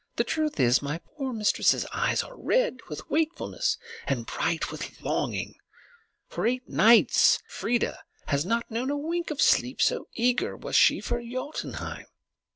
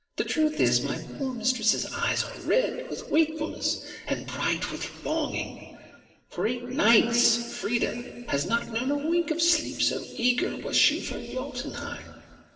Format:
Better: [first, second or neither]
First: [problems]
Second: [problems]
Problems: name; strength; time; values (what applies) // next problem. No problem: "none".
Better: first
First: none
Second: noise reduction (neural separator model SepFormer DNS4)